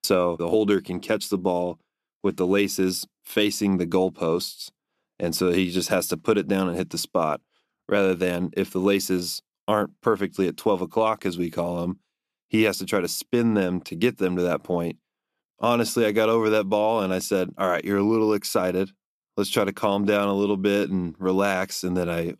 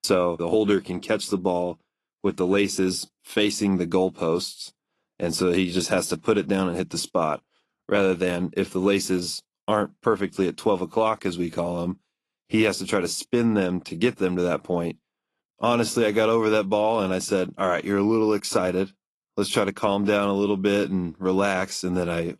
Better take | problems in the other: first | garbled, watery; slightly; nothing above 11.5 kHz

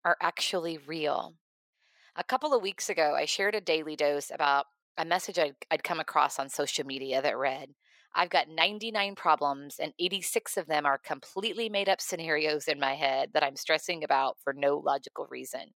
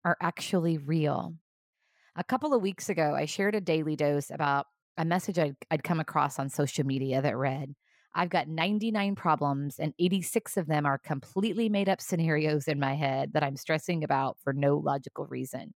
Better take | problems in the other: second | thin; very; fading below 550 Hz

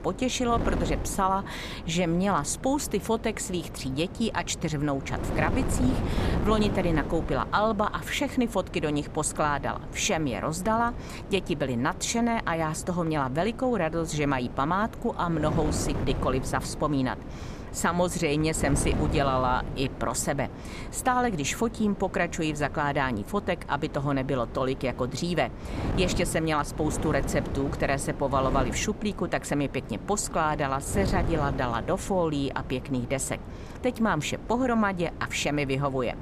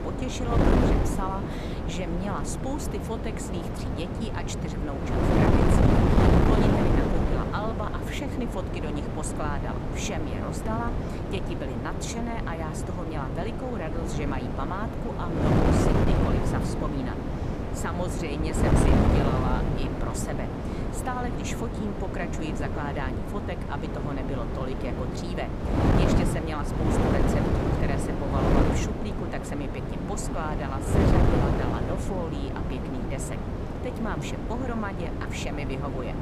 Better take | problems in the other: first | wind noise on the microphone; heavy; 3 dB above the speech; occasional gusts in the first

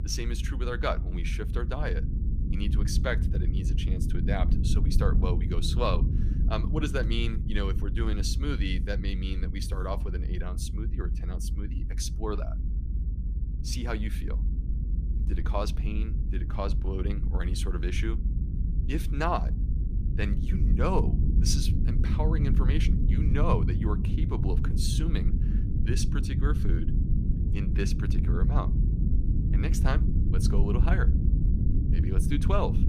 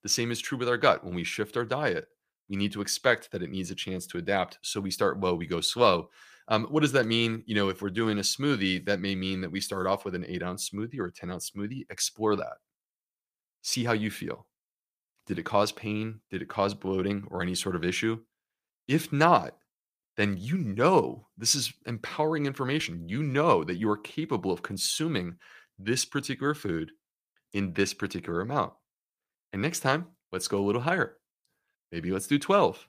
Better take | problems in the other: second | low rumble; loud; throughout; 7 dB below the speech

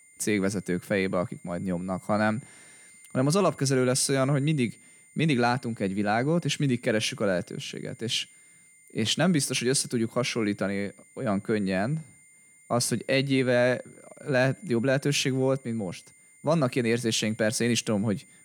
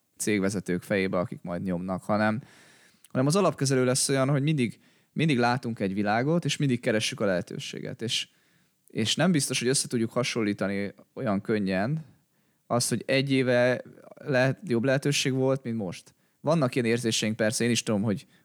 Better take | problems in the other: second | high-pitched whine; faint; throughout; 2 kHz, 25 dB below the speech

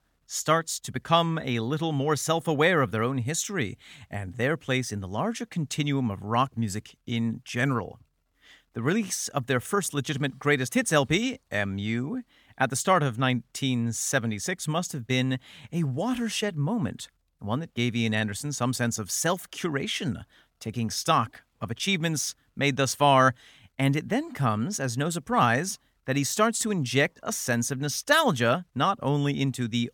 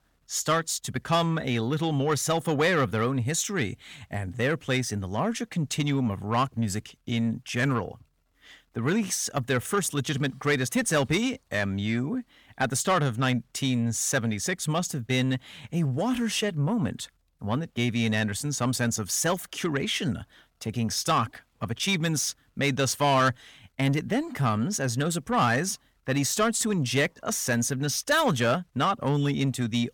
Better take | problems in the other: first | distortion; slight; 10 dB below the speech

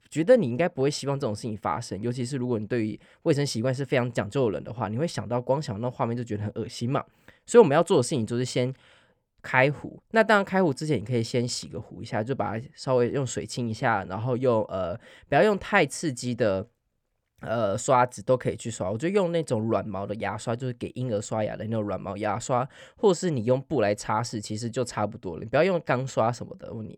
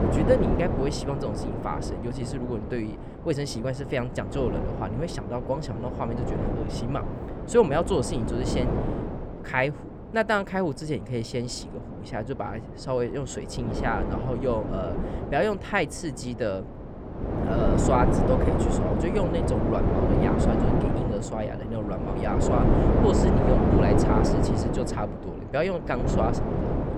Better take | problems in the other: first | wind noise on the microphone; heavy; 1 dB below the speech

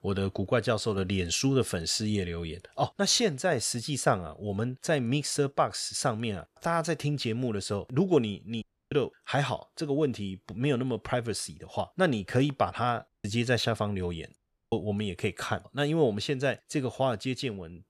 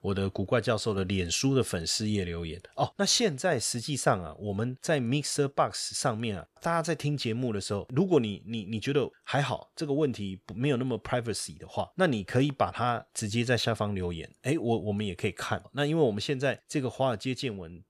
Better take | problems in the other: second | audio cutting out; at 8.5 s, at 13 s and at 14 s

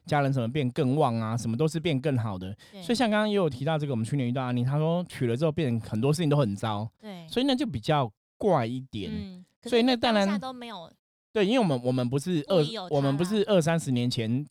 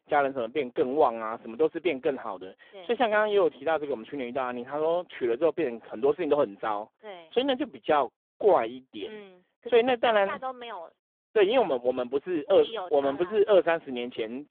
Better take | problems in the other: first | phone-call audio; poor line; nothing above 3.5 kHz

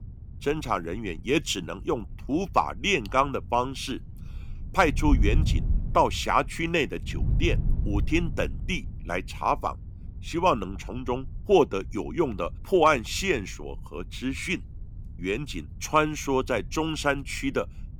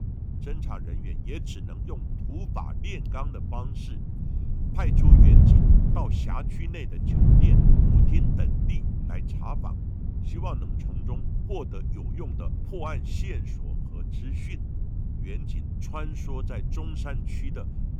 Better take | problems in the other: first | wind noise on the microphone; heavy; 2 dB above the speech; occasional gusts in the first

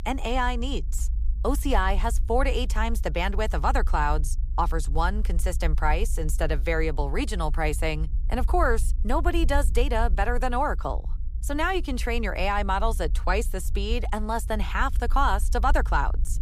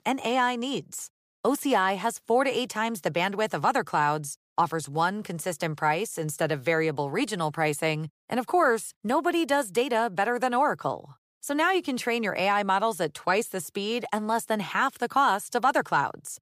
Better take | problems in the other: second | low rumble; faint; throughout; 25 dB below the speech

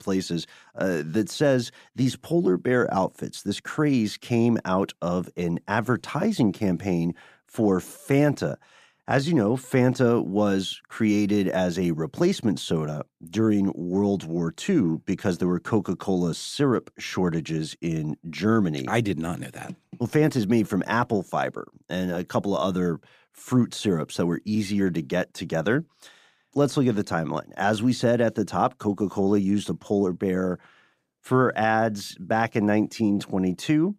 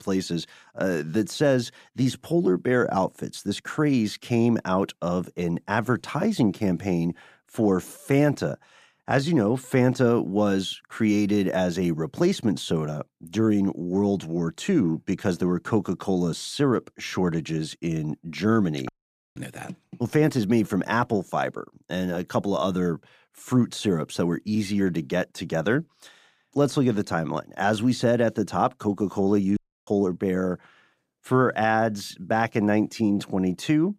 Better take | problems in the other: first | audio cutting out; at 19 s and at 30 s

